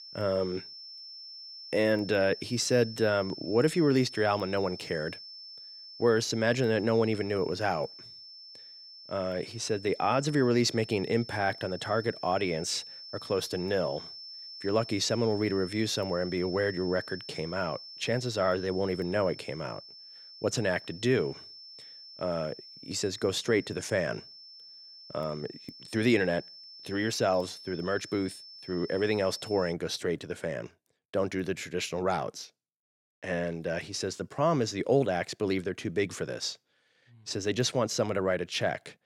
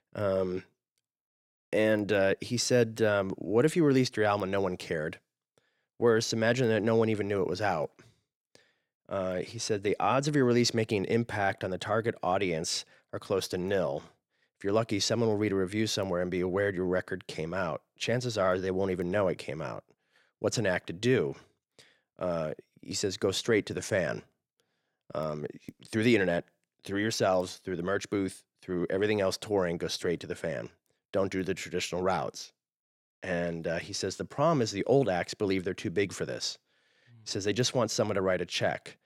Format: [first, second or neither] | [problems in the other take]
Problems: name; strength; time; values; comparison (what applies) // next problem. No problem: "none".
second | high-pitched whine; noticeable; until 30 s; 5.5 kHz, 15 dB below the speech